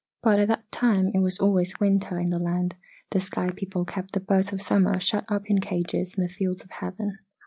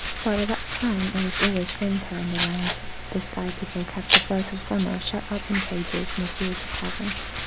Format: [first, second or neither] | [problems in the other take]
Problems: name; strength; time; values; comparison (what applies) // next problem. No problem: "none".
first | background sound (Domestic sounds, home sounds); 1 dB below the speech